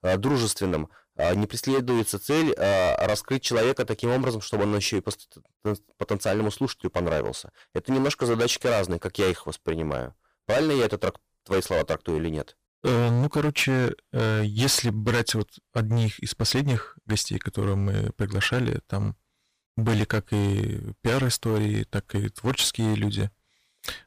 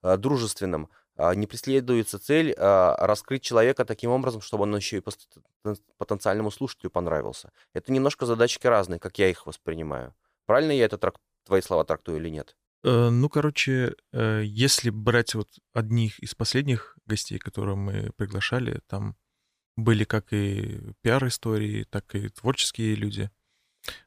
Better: second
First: distortion; heavy; 15% of the sound clipped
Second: none

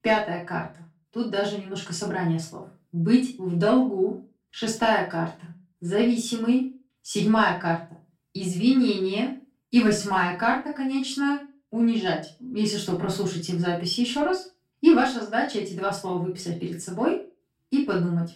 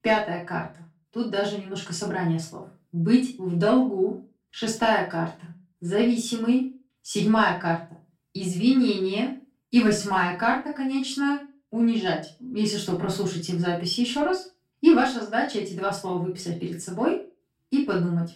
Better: neither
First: room echo; slight; dies away in 0.3 s // off-mic speech; far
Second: room echo; slight; dies away in 0.3 s // off-mic speech; far

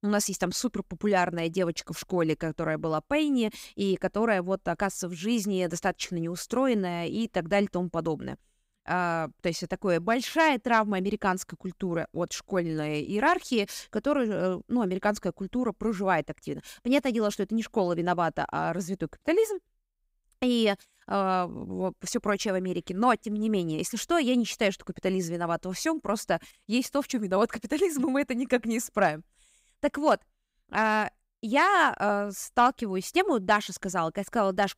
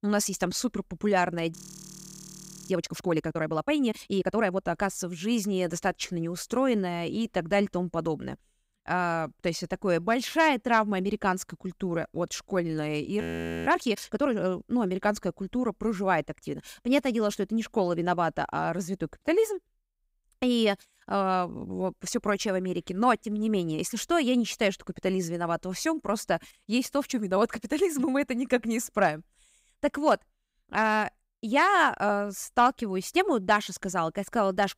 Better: first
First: none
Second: audio freezing; at 1.5 s for 1 s and at 13 s

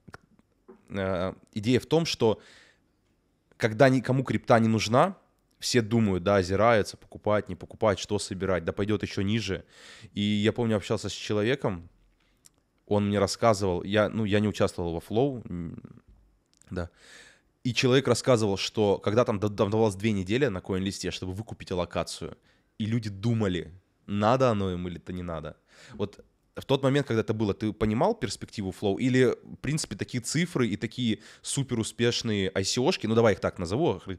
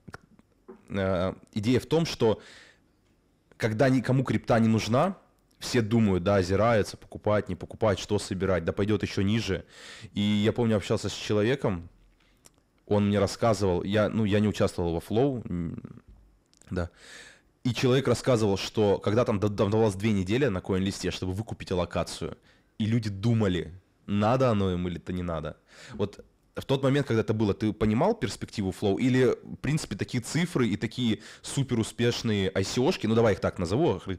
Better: first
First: none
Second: distortion; slight; 10 dB below the speech

